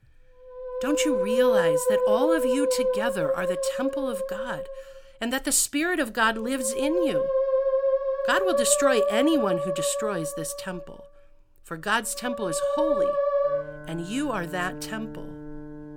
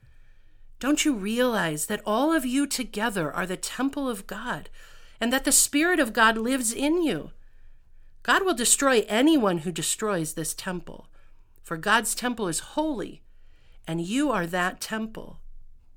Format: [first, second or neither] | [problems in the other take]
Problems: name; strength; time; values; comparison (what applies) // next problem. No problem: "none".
second | background music; very loud; throughout; 2 dB above the speech